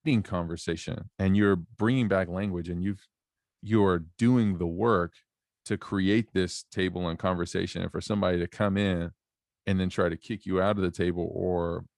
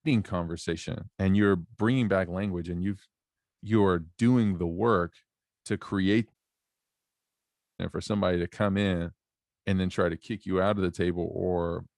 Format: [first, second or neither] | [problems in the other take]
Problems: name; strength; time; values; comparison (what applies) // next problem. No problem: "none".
first | audio cutting out; at 6.5 s for 1.5 s